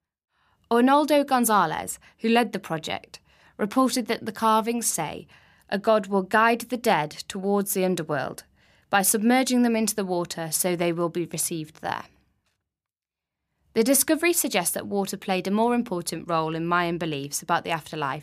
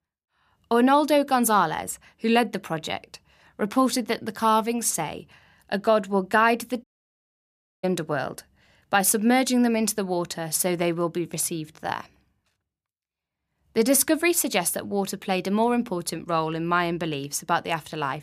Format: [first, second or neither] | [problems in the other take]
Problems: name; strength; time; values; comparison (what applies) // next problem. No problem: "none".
first | audio cutting out; at 7 s for 1 s